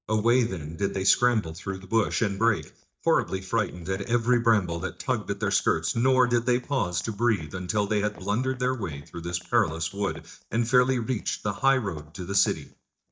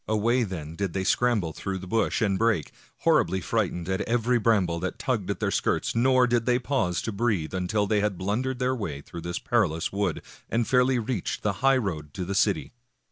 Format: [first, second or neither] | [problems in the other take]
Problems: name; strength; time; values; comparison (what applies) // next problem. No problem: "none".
second | noise reduction (neural mask model DeepFilterNet 3)